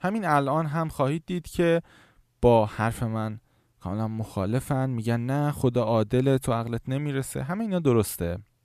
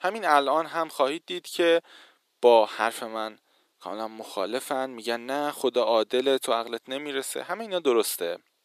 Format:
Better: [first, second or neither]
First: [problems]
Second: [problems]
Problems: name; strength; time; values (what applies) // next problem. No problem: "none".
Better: first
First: none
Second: thin; very; fading below 350 Hz